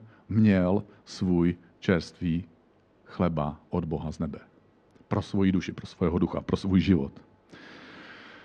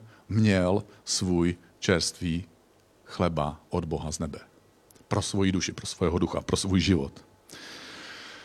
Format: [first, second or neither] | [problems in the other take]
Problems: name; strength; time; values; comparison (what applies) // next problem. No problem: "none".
second | muffled; slightly; fading above 2.5 kHz